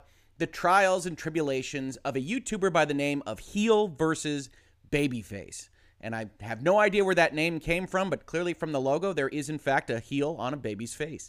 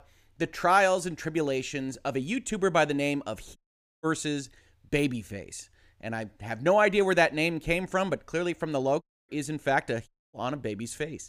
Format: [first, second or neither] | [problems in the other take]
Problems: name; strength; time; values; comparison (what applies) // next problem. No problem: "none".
first | audio cutting out; at 3.5 s, at 9 s and at 10 s